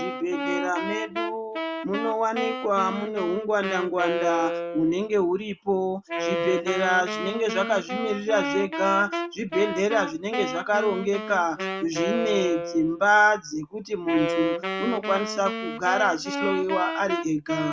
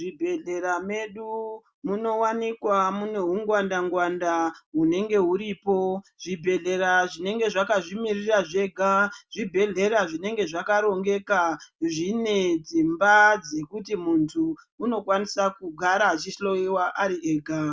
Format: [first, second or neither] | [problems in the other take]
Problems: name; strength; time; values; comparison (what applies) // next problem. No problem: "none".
second | background sound (Wind instrument, woodwind instrument); 5 dB below the speech